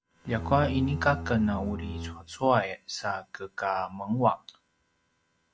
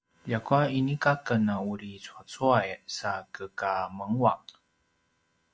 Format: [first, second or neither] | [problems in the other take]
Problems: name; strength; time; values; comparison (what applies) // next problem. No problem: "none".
second | background sound (Bowed string instrument); 7 dB below the speech